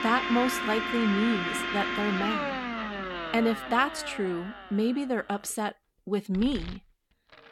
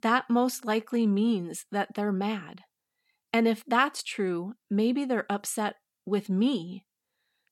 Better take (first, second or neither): second